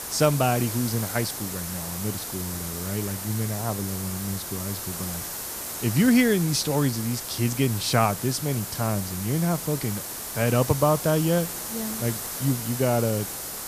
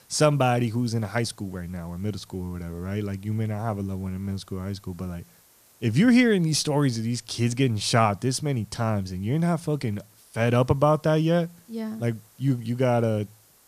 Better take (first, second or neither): second